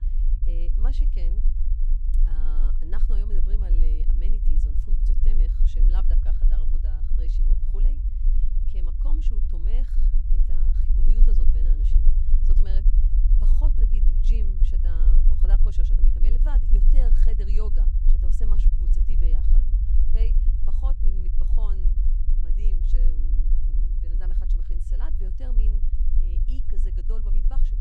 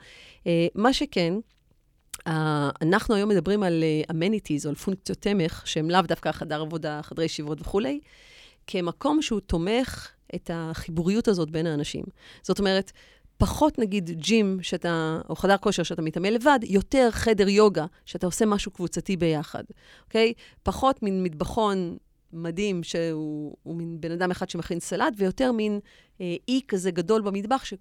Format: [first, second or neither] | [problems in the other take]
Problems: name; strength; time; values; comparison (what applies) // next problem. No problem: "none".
second | low rumble; loud; throughout; 1 dB below the speech